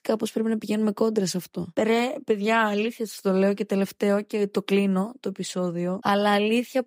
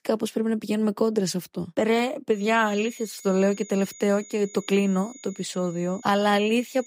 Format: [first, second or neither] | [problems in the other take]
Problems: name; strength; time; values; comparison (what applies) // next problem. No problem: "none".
first | high-pitched whine; noticeable; from 2.5 s on; 7 kHz, 20 dB below the speech